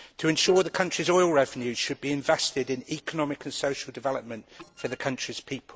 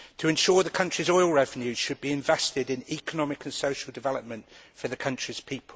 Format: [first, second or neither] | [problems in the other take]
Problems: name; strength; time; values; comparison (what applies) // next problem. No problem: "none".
second | noise reduction (neural separator model SepFormer DNS4)